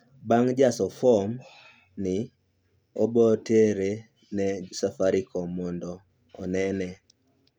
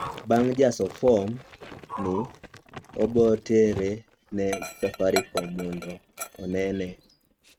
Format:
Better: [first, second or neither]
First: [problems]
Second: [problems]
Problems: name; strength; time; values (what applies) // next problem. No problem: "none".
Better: first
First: none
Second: noise reduction (neural mask model RNNoise)